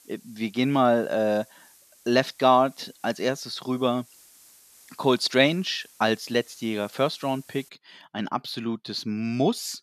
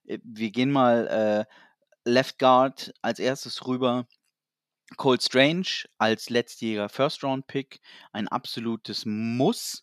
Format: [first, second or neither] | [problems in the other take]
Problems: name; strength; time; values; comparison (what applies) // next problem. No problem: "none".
second | hiss; faint; until 7.5 s; 25 dB below the speech